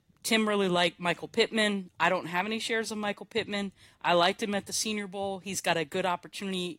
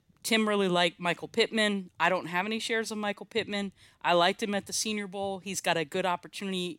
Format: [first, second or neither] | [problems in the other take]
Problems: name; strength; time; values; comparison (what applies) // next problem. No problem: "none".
second | garbled, watery; slightly; nothing above 16 kHz